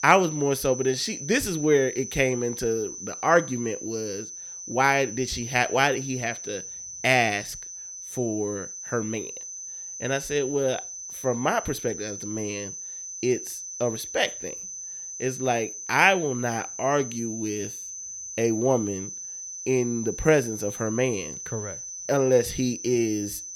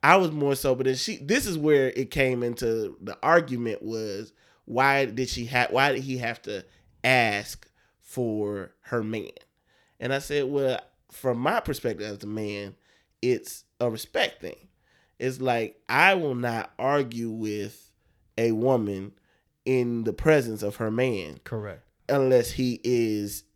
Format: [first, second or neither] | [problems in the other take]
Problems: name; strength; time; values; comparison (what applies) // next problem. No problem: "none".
second | high-pitched whine; loud; throughout; 6 kHz, 9 dB below the speech